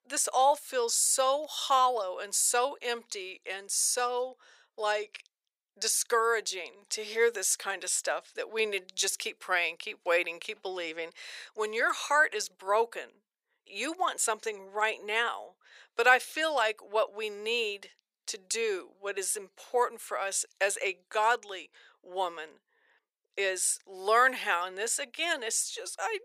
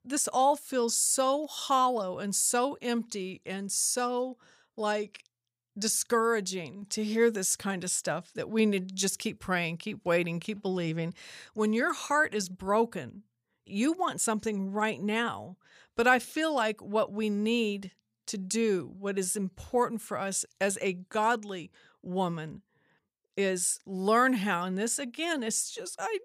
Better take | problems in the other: second | thin; very; fading below 450 Hz

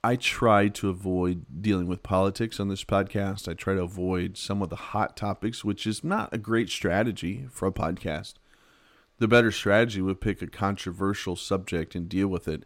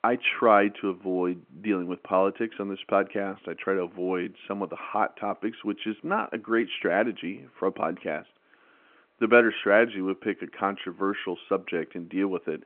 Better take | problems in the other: first | phone-call audio

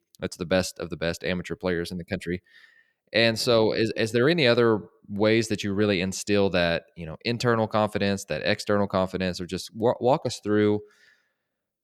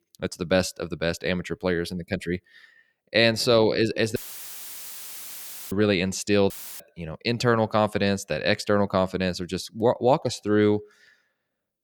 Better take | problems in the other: first | audio cutting out; filled with static; at 4 s for 1.5 s and at 6.5 s

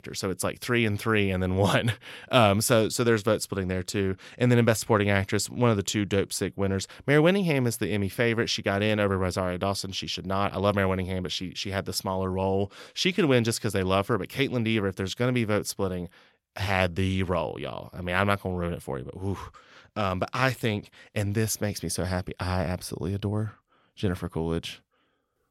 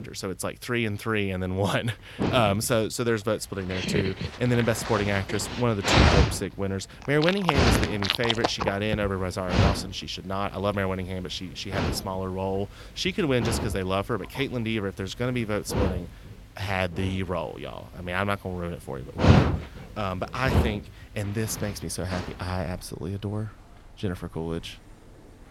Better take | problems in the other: first | animal sounds; very loud; throughout; 2 dB above the speech

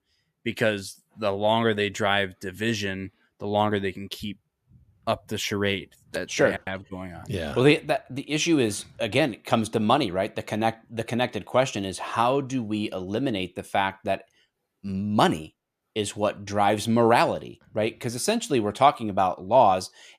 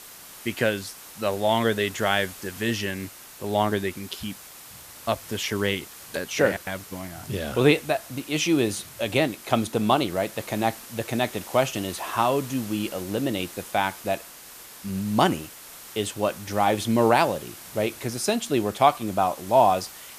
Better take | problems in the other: first | hiss; noticeable; throughout; 15 dB below the speech

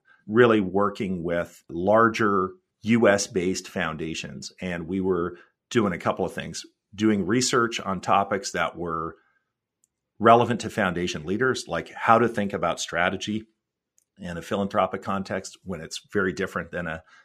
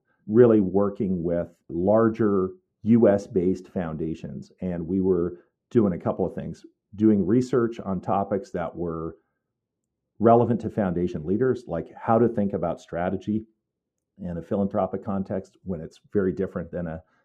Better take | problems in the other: first | muffled; very; fading above 1 kHz

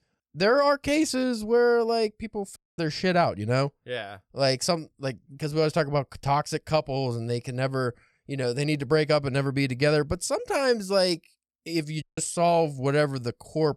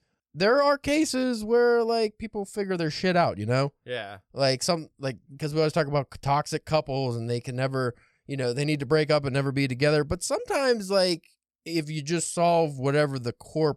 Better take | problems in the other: second | audio cutting out; at 2.5 s and at 12 s

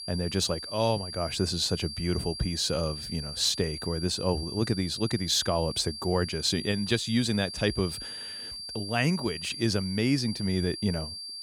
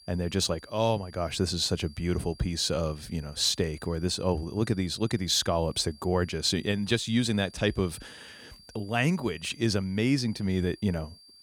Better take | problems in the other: second | high-pitched whine; loud; throughout; 4.5 kHz, 8 dB below the speech; faint in the second

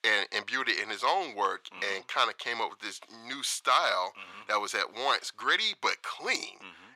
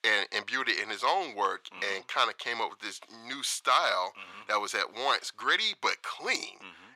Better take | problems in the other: neither | thin; very; fading below 700 Hz; the same in both

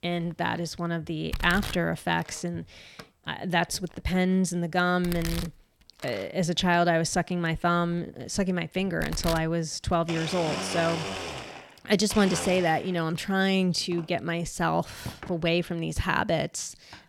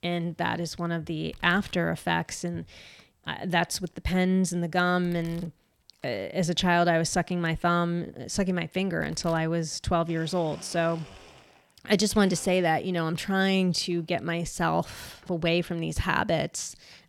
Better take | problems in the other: second | household noises; loud; throughout; 9 dB below the speech; faint in the second

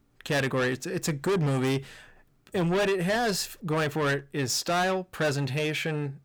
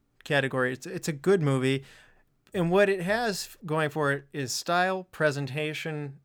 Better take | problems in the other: second | distortion; heavy; 6 dB below the speech

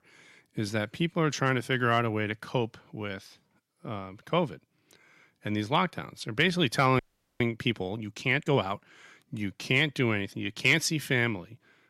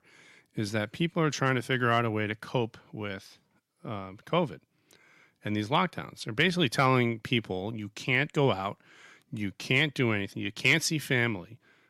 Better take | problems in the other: second | audio freezing; at 7 s

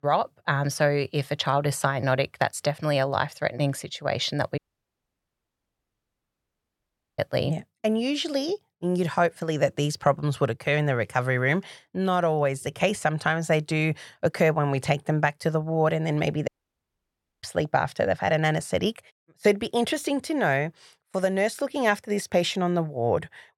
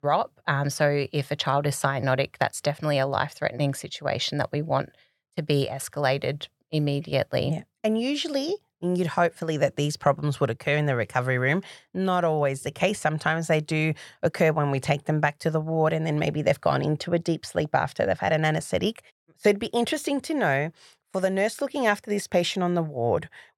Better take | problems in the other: second | audio cutting out; at 4.5 s for 2.5 s and at 16 s for 1 s

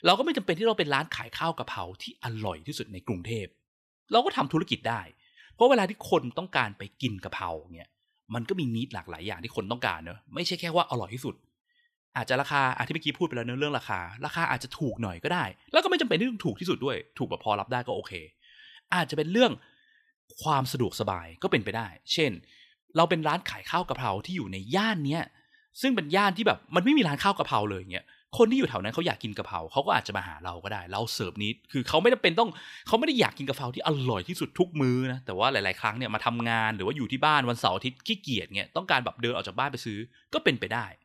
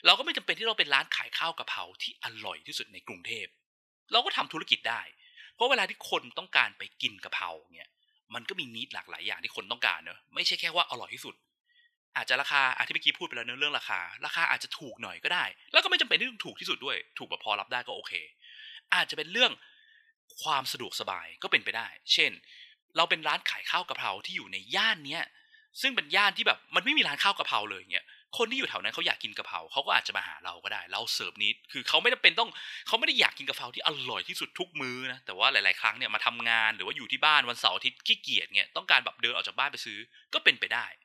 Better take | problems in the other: first | thin; somewhat; fading below 1 kHz

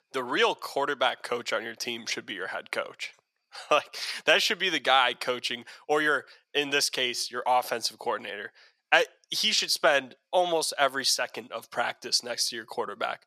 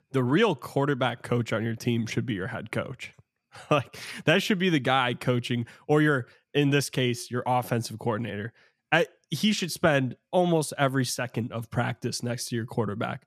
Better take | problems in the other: second | thin; very; fading below 650 Hz

